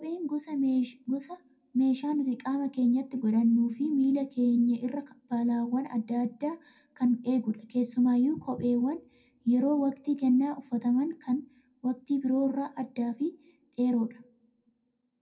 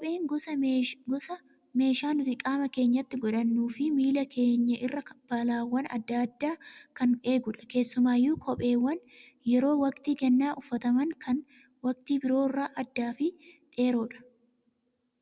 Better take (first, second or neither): second